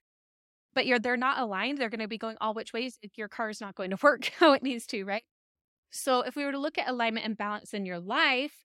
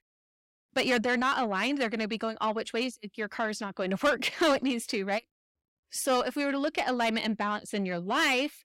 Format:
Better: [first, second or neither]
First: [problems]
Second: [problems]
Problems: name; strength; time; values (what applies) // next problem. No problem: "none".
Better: first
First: none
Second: distortion; heavy; 7 dB below the speech